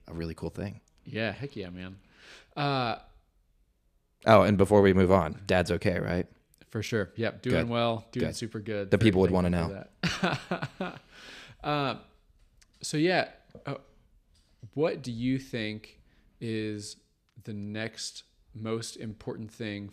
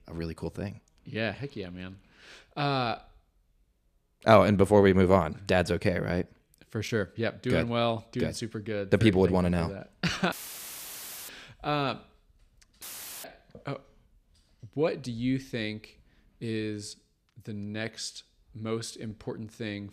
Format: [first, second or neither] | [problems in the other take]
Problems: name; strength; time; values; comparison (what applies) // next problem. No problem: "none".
first | audio cutting out; filled with static; at 10 s for 1 s and at 13 s